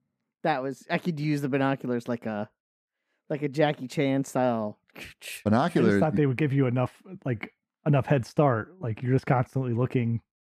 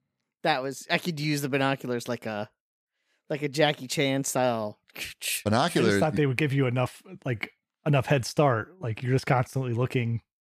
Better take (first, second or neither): second